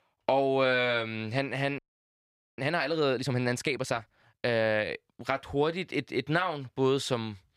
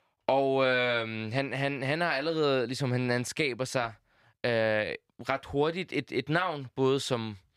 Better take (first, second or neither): second